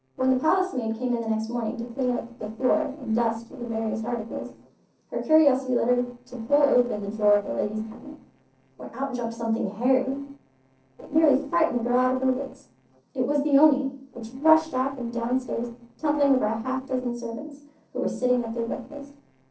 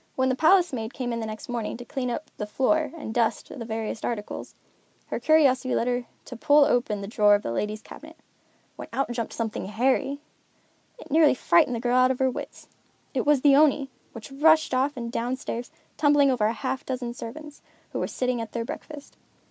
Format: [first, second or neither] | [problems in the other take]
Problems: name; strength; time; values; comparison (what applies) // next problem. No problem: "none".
second | noise reduction (neural separator model SepFormer DNS4)